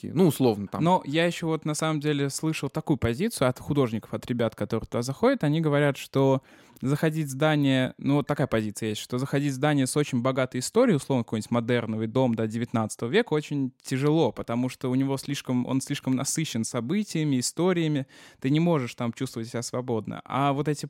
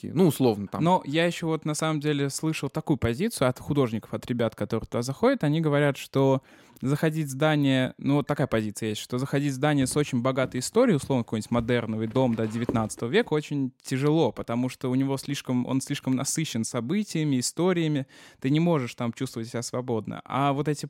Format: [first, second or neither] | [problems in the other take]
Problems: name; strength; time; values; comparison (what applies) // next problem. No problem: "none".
first | footsteps; noticeable; from 10 to 13 s; peak 9 dB below the speech